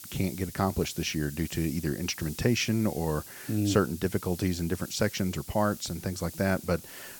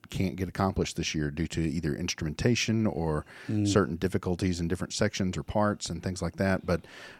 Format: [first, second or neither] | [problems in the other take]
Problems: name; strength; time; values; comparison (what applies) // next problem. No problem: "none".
second | hiss; noticeable; throughout; 15 dB below the speech